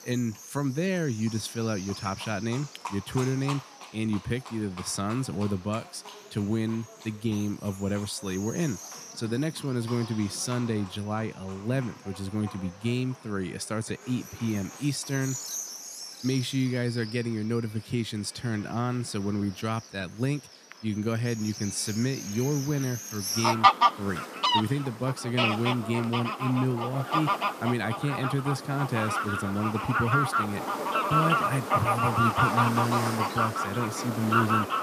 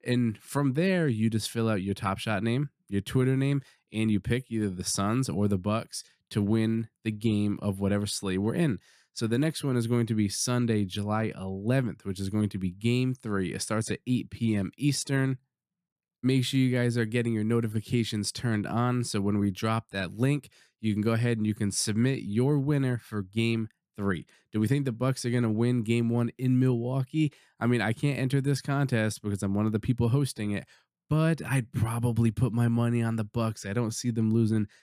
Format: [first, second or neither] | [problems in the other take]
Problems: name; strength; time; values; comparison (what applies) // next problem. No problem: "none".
second | animal sounds; very loud; throughout; 1 dB above the speech